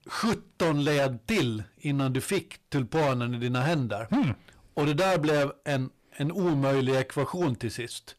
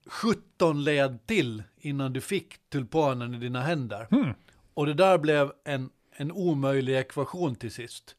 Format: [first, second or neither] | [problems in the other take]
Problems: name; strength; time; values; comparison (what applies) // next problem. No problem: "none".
second | distortion; heavy; 15% of the sound clipped